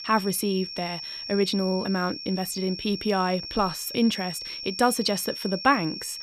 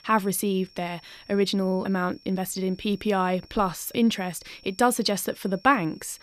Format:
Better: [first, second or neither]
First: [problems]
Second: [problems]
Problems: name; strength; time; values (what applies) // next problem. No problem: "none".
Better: second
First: high-pitched whine; loud; throughout; 5.5 kHz, 8 dB below the speech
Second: high-pitched whine; faint; throughout; 5.5 kHz, 25 dB below the speech